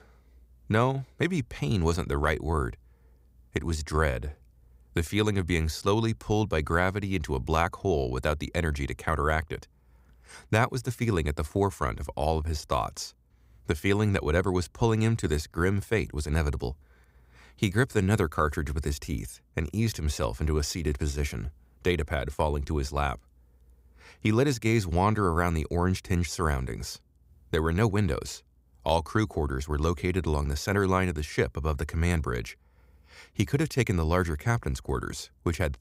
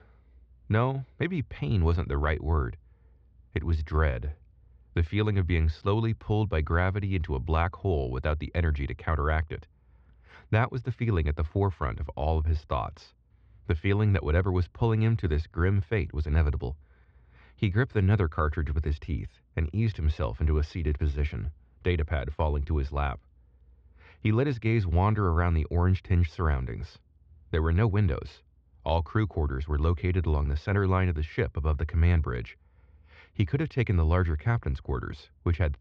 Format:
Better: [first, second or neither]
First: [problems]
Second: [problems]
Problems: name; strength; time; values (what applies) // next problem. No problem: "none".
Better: first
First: none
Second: muffled; slightly; fading above 3.5 kHz